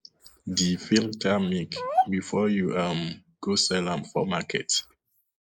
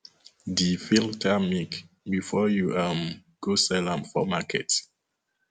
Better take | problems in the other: second | noise reduction (neural mask model Resemble Enhance denoiser)

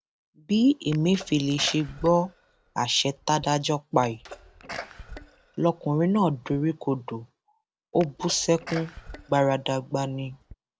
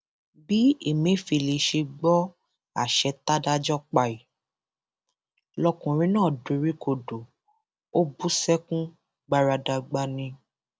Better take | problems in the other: second | background sound (Sneeze); 17 dB below the speech

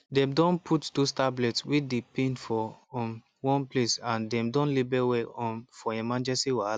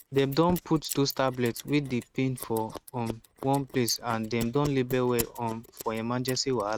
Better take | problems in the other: first | noise reduction (neural mask model RNNoise)

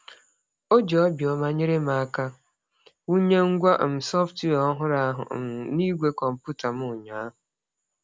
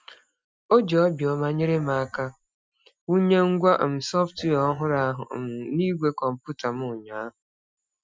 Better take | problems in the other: first | noise reduction (classical method Wiener filter)

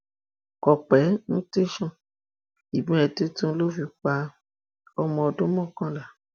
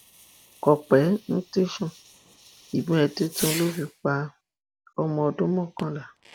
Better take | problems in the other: first | background sound (Fireworks); 15 dB below the speech

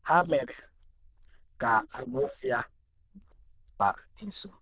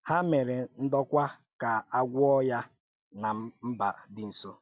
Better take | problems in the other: second | noise reduction (neural diffusion model UNIVERSE++)

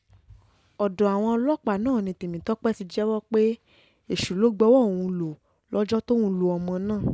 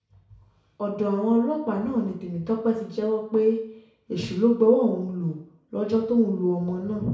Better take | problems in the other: first | room echo; dies away in 0.6 s

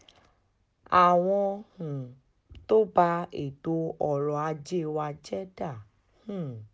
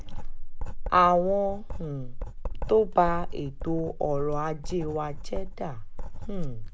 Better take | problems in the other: first | background sound (Writing); 2 dB below the speech

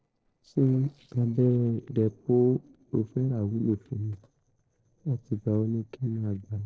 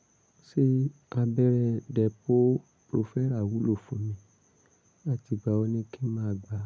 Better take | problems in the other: second | noise reduction (neural separator model SepFormer DNS4)

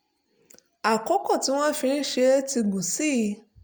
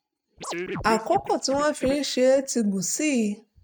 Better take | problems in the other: first | noise reduction (neural mask model RNNoise)

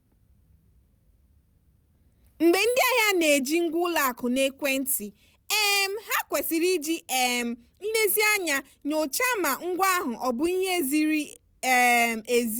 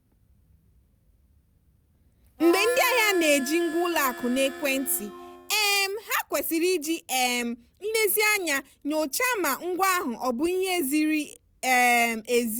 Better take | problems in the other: first | background sound (Harmonica); 11 dB below the speech

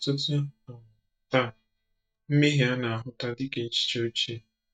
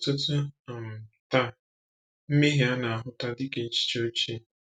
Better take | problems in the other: second | noise reduction (neural mask model DeepFilterNet 3)

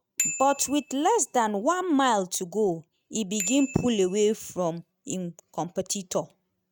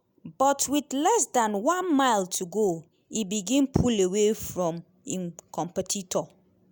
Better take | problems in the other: second | noise reduction (neural mask model RNNoise)

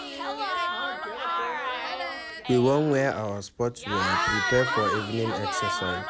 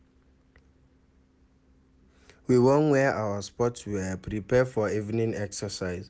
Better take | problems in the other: second | background sound (Crowd / Cheering); 1 dB below the speech

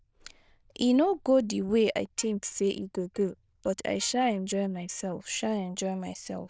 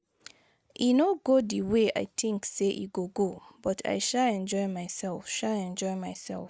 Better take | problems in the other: second | noise reduction (neural diffusion model UNIVERSE++)

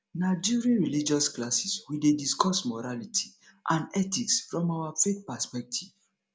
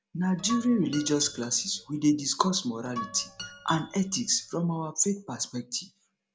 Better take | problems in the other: first | background sound (Guitar); 13 dB below the speech

